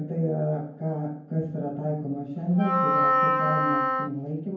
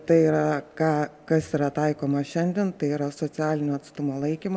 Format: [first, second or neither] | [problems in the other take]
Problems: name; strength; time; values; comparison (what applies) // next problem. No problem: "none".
second | background sound (Wind instrument, woodwind instrument); 4 dB above the speech // room echo; dies away in 0.9 s